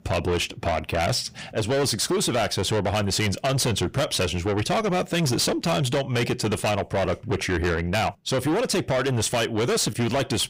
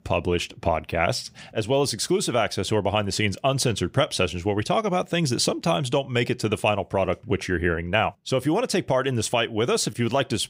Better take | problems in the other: second | distortion; heavy; 6 dB below the speech

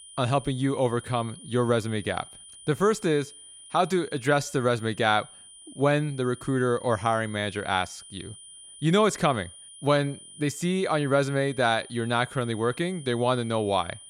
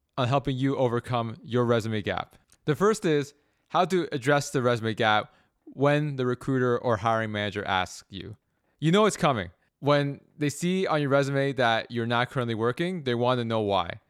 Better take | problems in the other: second | high-pitched whine; noticeable; throughout; 9.5 kHz, 20 dB below the speech

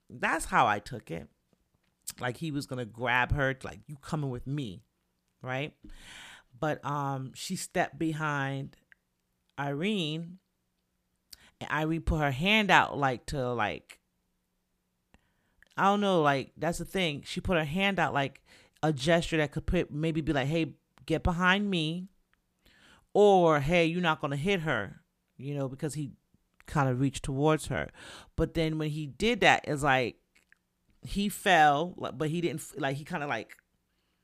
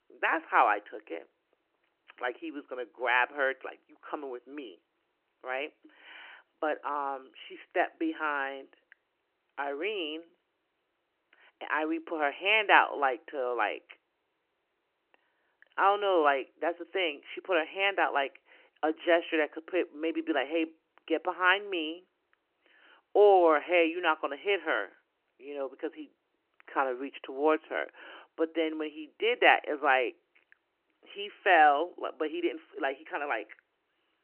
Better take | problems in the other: first | phone-call audio; nothing above 3 kHz

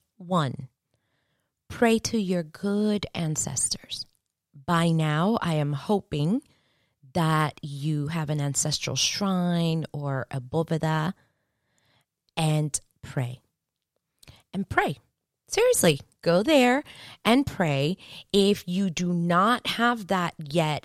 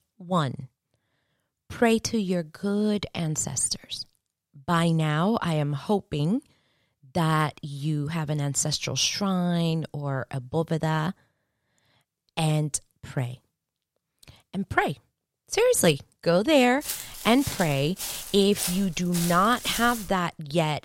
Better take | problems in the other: first | footsteps; noticeable; from 17 to 20 s; peak 4 dB below the speech

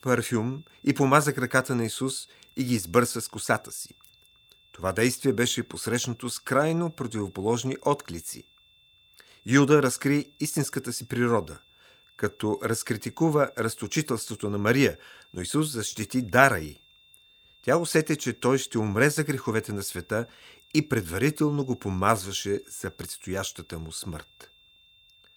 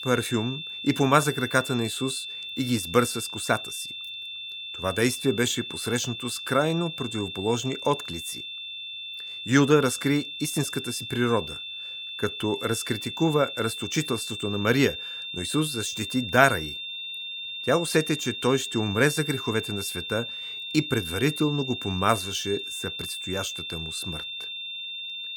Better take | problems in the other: first | high-pitched whine; loud; throughout; 3.5 kHz, 7 dB below the speech; faint in the first

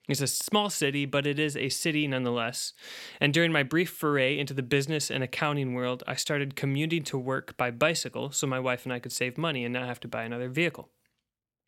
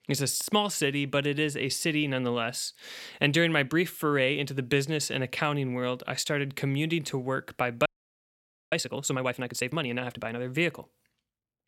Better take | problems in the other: first | audio freezing; at 8 s for 1 s

